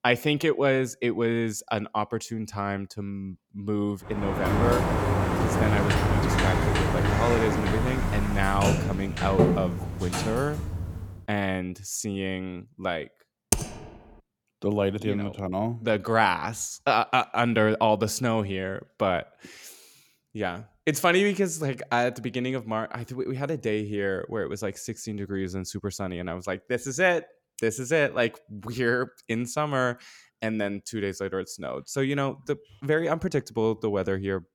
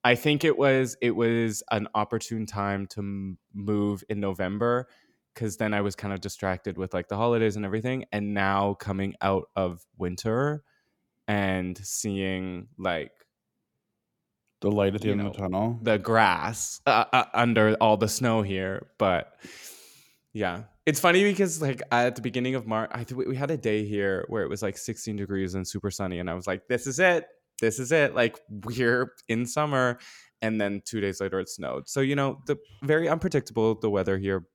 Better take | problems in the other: second | door banging; loud; from 4 to 11 s; peak 5 dB above the speech // keyboard typing; loud; at 14 s; peak 1 dB above the speech

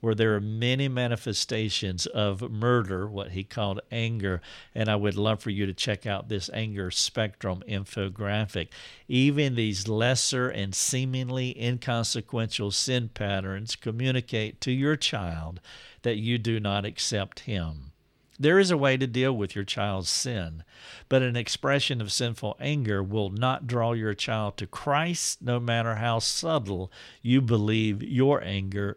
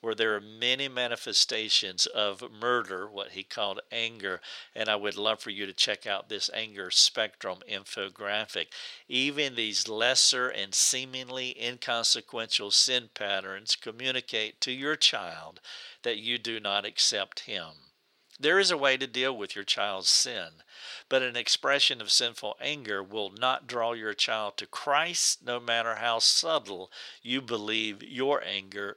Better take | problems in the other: first | thin; very; fading below 500 Hz

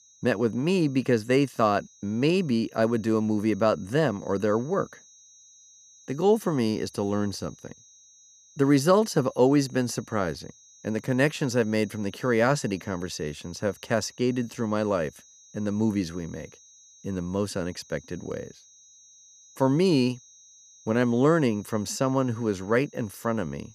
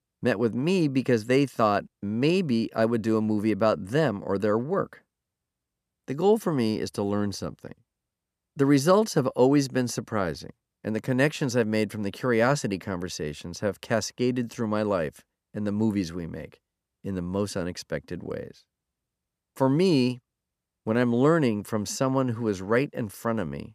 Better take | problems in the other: second | high-pitched whine; faint; throughout; 6.5 kHz, 25 dB below the speech

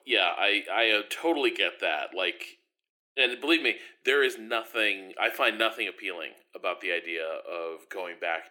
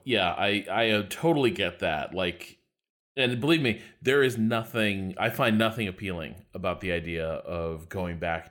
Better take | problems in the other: second | thin; very; fading below 300 Hz

